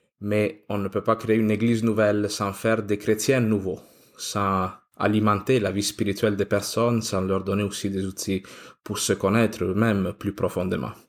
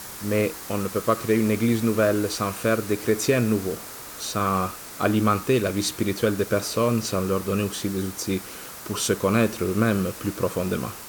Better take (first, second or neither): first